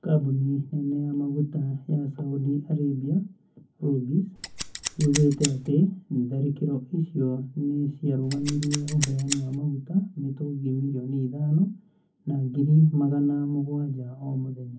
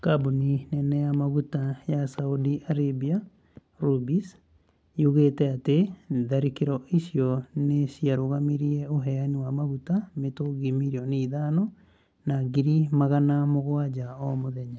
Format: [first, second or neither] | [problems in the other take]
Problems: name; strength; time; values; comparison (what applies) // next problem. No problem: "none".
second | background sound (Scissors); 8 dB below the speech // room echo; dies away in 0.3 s